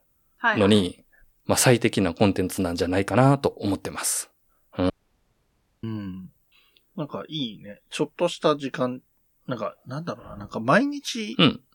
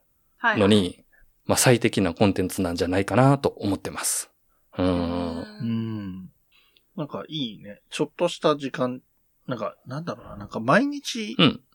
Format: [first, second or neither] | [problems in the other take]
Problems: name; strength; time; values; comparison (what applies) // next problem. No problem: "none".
second | audio cutting out; at 5 s for 1 s